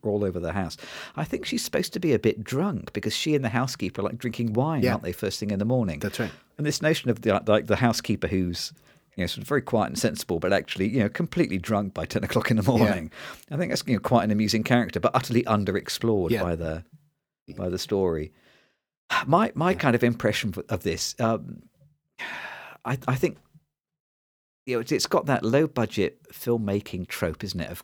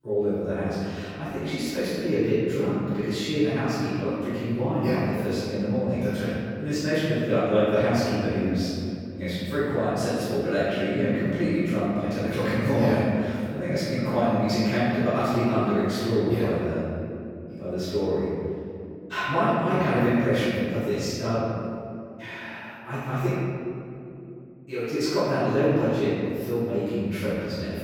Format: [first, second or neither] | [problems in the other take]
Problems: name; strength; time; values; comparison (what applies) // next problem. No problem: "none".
first | room echo; strong; dies away in 2.7 s // off-mic speech; far